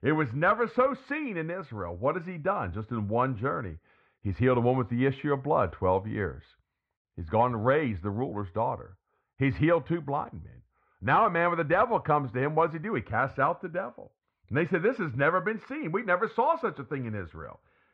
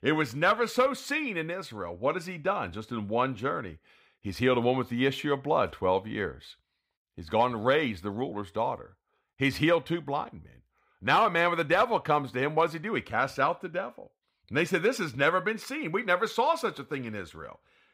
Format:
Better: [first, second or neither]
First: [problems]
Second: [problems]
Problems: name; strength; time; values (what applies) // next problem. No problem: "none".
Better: second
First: muffled; very; fading above 1.5 kHz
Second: none